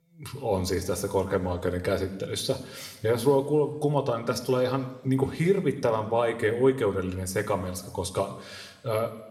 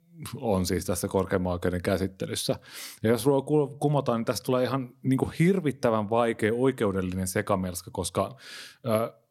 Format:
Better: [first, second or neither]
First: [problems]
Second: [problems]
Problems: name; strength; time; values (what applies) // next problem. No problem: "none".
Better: second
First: room echo; slight; dies away in 1.2 s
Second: none